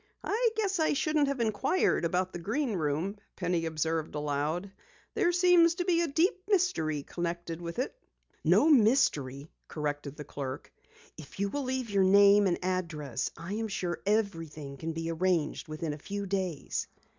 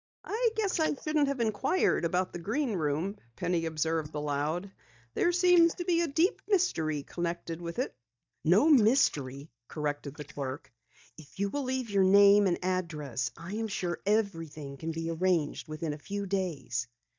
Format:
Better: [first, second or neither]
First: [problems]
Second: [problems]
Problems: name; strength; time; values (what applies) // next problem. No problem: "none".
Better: first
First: none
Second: noise reduction (neural mask model DeepFilterNet 3)